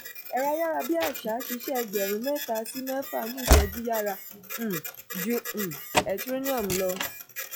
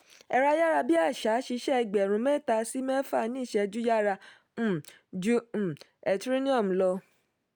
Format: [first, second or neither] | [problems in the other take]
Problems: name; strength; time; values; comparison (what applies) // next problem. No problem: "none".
second | noise reduction (classical method log-MMSE)